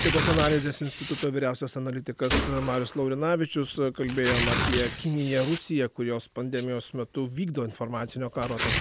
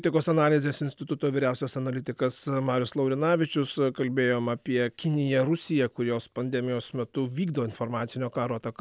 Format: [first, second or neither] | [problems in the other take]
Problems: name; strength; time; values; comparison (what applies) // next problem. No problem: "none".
second | background sound (Tearing + Gunshot, gunfire); 5 dB below the speech